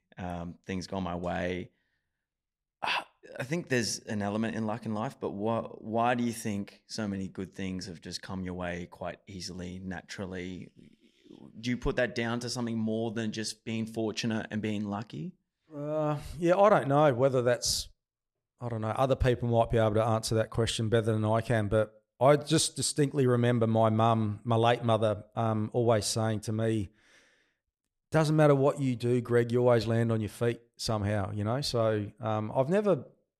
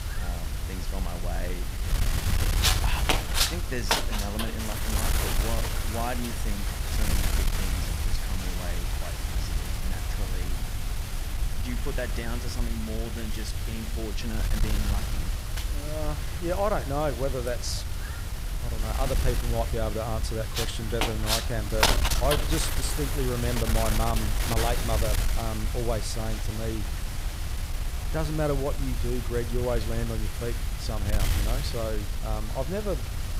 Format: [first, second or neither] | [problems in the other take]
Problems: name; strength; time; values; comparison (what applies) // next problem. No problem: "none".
first | wind noise on the microphone; heavy; 1 dB above the speech